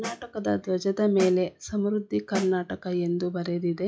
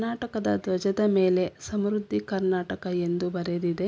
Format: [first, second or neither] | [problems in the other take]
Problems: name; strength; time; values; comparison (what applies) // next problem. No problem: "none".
second | noise reduction (classical method log-MMSE)